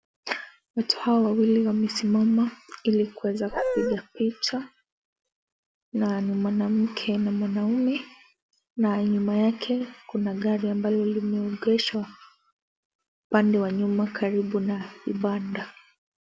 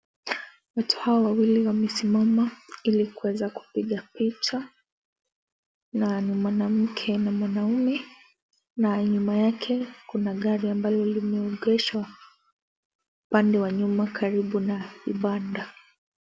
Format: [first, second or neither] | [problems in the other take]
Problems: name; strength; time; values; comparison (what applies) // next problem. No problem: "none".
second | background sound (Dog); 1 dB below the speech